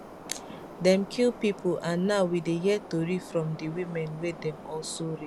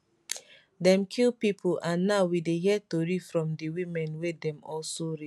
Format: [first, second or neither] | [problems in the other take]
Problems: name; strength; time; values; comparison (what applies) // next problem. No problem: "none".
second | background sound (Subway, metro, underground); 15 dB below the speech